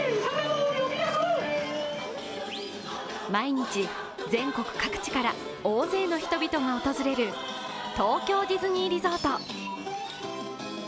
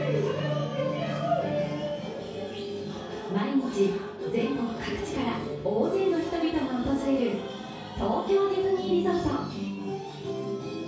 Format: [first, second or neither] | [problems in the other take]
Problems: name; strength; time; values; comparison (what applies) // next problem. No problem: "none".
first | room echo; dies away in 0.6 s